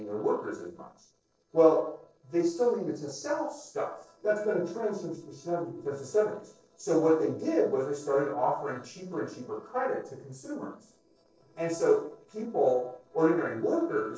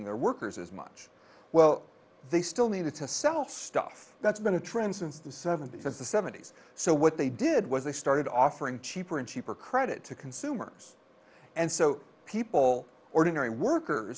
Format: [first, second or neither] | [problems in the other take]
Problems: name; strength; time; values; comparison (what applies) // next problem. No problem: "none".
second | noise reduction (neural separator model SepFormer DNS4)